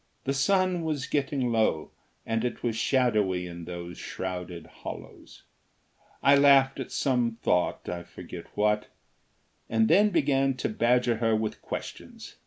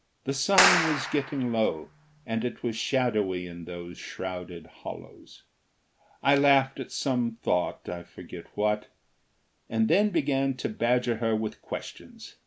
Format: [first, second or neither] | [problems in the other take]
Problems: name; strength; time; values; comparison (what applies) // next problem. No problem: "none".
first | background sound (Clapping); 1 dB above the speech